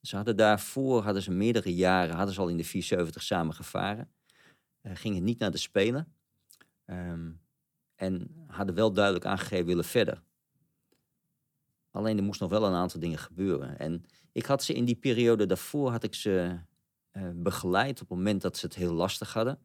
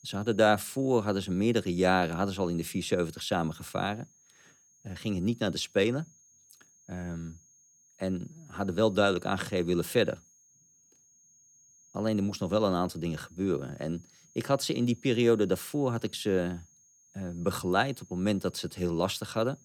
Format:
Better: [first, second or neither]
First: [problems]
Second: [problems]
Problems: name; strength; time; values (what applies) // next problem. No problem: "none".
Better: first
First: none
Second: high-pitched whine; faint; throughout; 6.5 kHz, 30 dB below the speech